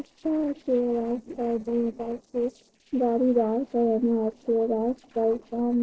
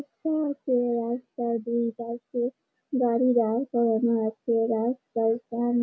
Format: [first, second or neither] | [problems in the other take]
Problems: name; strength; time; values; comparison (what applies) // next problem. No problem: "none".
second | noise reduction (neural separator model SepFormer DNS4)